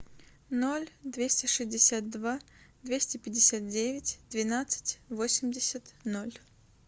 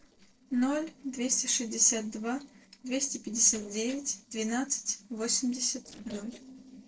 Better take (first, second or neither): first